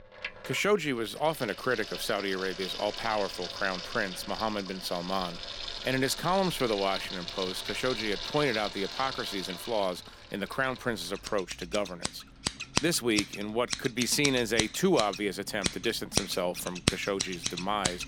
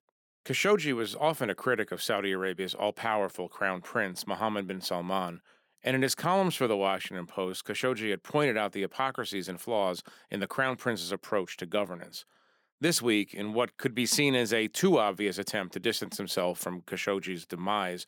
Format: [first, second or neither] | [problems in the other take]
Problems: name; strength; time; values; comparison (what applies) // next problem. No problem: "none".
second | household noises; loud; throughout; 5 dB below the speech